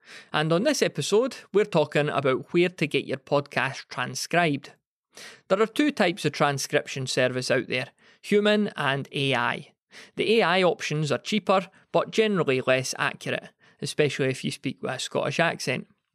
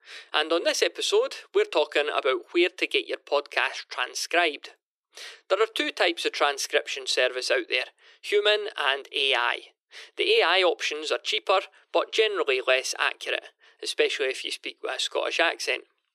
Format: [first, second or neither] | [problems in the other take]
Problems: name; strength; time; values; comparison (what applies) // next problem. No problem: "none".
first | thin; very; fading below 350 Hz